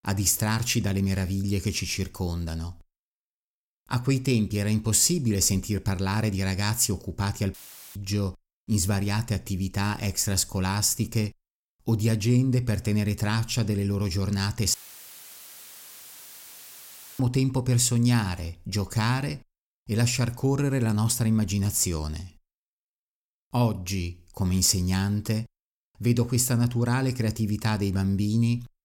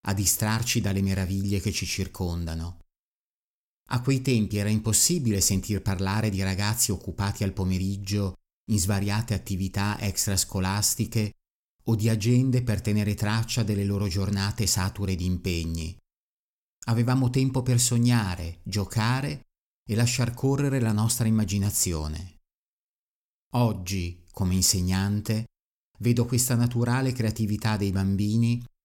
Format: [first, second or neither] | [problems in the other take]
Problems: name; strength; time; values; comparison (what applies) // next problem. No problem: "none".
second | audio cutting out; filled with static; at 7.5 s and at 15 s for 2.5 s